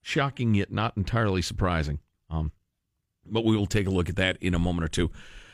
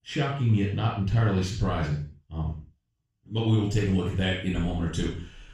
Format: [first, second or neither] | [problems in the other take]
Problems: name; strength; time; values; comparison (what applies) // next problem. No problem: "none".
first | room echo; noticeable; dies away in 0.4 s // off-mic speech; far